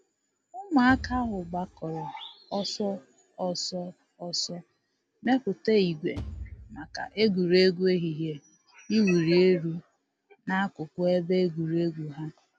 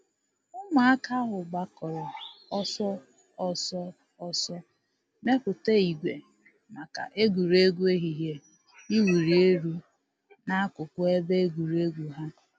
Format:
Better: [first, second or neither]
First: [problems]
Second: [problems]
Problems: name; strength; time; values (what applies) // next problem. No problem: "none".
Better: second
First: background sound (Bass drum / Thump, thud); 14 dB below the speech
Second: none